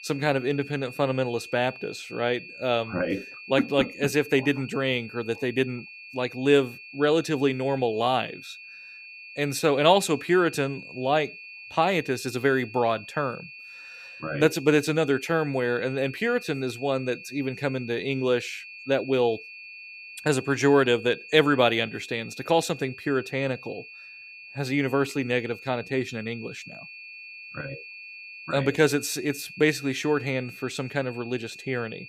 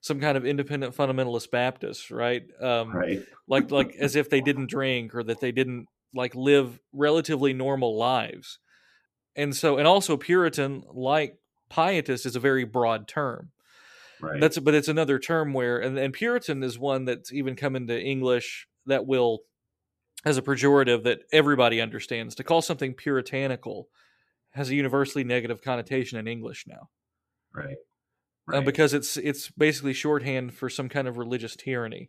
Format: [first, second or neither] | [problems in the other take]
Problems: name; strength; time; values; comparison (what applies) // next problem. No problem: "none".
second | high-pitched whine; noticeable; throughout; 2.5 kHz, 15 dB below the speech